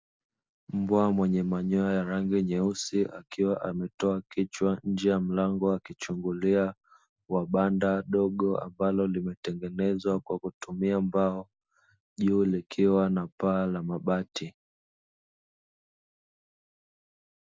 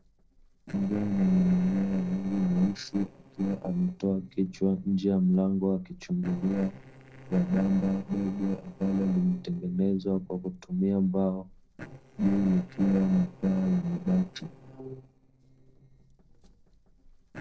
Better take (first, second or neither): first